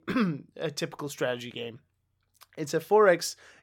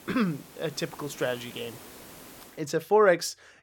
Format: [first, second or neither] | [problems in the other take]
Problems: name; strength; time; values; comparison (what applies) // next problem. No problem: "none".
first | hiss; noticeable; until 2.5 s; 20 dB below the speech